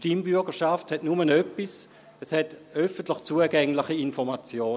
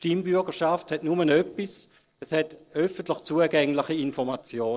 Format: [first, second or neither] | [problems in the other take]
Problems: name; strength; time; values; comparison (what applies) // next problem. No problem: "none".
first | noise reduction (neural separator model SepFormer DNS4)